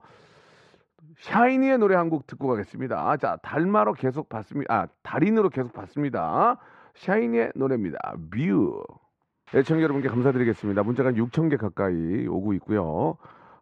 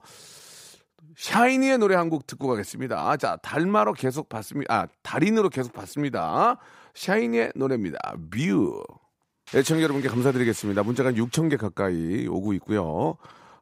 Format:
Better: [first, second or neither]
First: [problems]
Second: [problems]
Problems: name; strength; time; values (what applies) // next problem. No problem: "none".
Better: second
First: muffled; very; fading above 2 kHz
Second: none